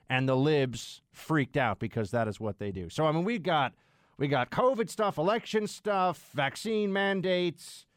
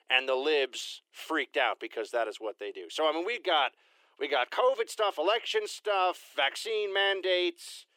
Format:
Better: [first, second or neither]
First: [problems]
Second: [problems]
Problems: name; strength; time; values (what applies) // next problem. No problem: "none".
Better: first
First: none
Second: thin; very; fading below 350 Hz